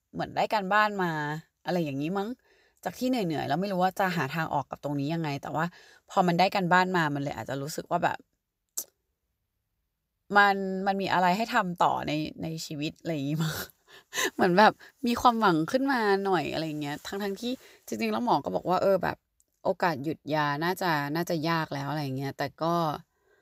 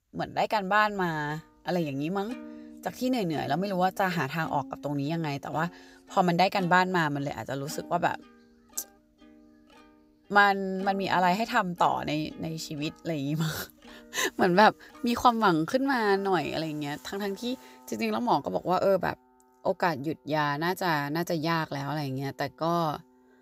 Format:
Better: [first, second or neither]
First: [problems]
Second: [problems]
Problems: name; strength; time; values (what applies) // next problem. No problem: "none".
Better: first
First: none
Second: background music; faint; throughout; 25 dB below the speech